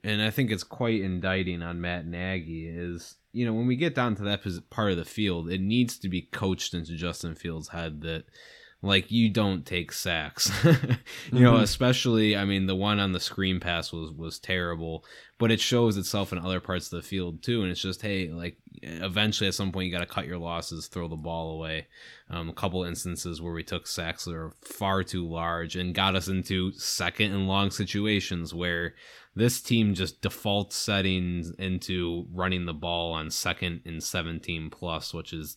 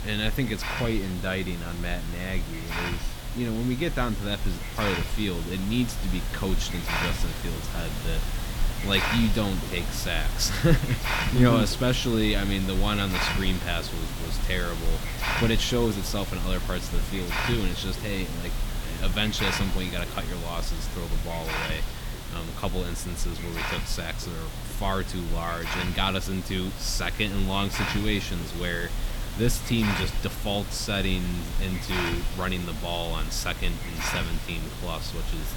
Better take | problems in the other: first | hiss; loud; throughout; 3 dB below the speech

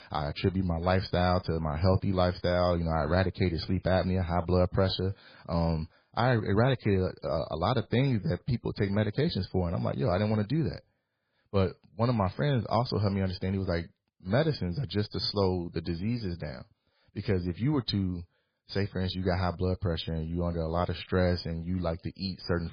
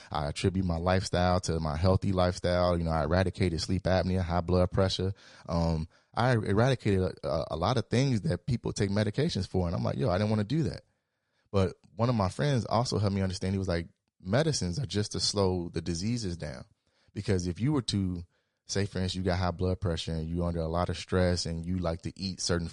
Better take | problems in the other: second | garbled, watery; badly; nothing above 5 kHz; slightly in the second

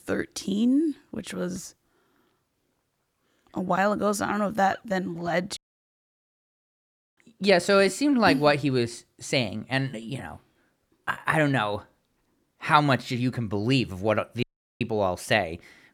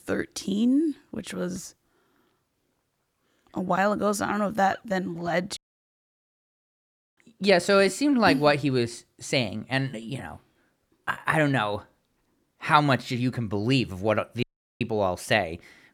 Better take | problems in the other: neither | audio cutting out; at 5.5 s for 1.5 s and at 14 s; the same in both

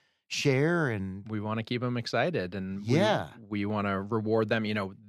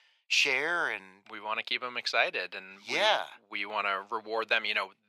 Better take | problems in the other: first | thin; very; fading below 850 Hz

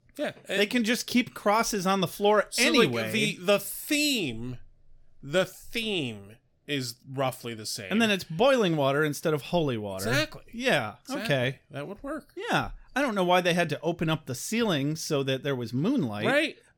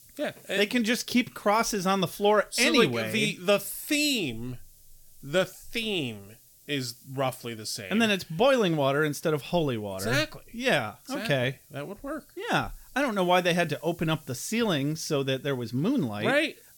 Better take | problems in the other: first | hiss; faint; throughout; 25 dB below the speech

